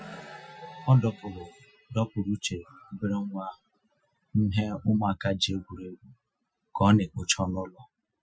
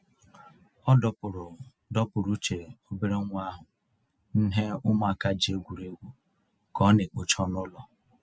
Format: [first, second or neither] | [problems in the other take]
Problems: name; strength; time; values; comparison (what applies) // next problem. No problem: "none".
second | noise reduction (classical method Wiener filter)